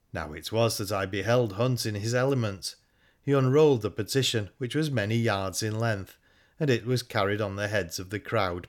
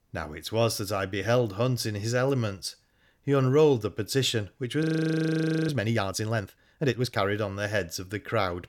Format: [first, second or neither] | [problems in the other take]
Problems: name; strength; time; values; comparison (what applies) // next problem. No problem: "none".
first | audio freezing; at 5 s for 1 s